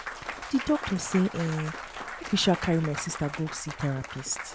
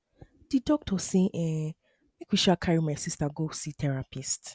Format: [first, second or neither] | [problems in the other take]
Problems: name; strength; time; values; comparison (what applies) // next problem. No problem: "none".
second | background sound (Applause / Cheering / Clapping); 9 dB below the speech